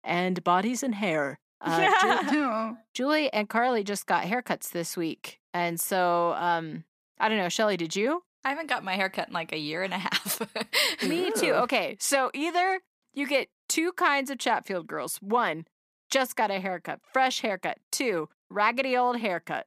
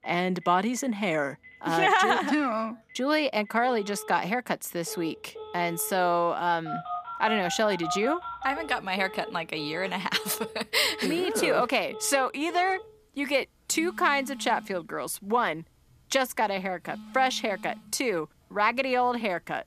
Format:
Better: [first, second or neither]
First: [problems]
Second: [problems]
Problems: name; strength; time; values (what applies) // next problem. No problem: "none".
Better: first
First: none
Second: alarms or sirens; noticeable; throughout; 15 dB below the speech